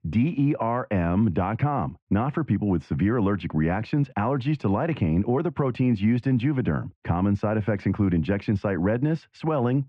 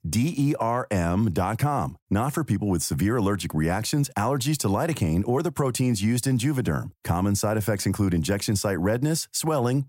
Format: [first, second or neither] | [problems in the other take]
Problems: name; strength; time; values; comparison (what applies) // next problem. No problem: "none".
second | muffled; very; fading above 2.5 kHz